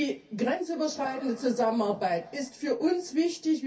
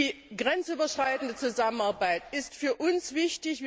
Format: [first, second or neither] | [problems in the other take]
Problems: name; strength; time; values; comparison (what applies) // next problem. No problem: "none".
second | room echo; dies away in 0.3 s